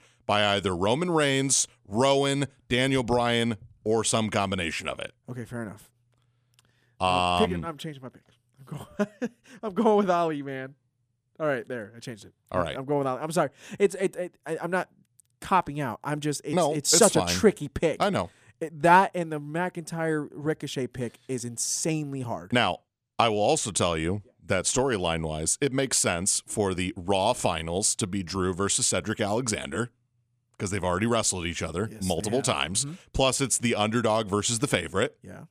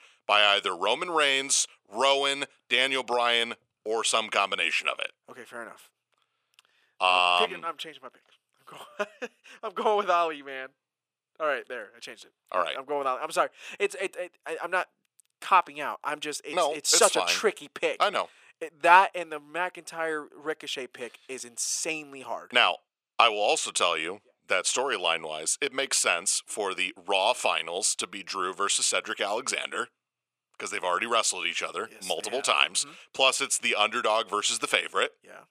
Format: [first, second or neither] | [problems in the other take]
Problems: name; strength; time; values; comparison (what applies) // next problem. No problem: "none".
first | thin; very; fading below 550 Hz